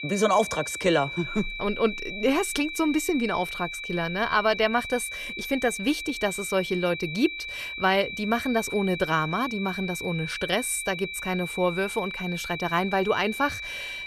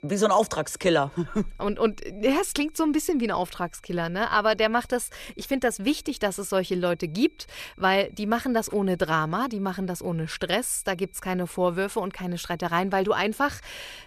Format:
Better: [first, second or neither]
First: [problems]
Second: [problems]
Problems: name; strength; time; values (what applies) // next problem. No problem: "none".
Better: second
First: high-pitched whine; loud; throughout; 2.5 kHz, 7 dB below the speech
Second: high-pitched whine; faint; throughout; 2.5 kHz, 35 dB below the speech